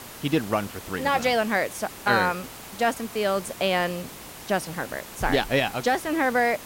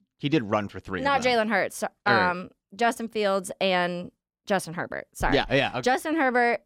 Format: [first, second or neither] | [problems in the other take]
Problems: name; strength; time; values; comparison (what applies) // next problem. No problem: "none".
second | hiss; noticeable; throughout; 15 dB below the speech